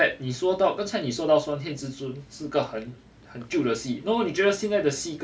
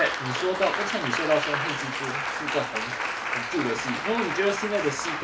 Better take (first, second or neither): first